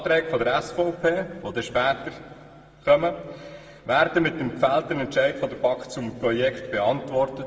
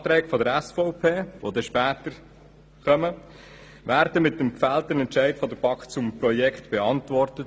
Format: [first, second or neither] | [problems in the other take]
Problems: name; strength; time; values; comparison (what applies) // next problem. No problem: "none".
second | room echo; dies away in 1.4 s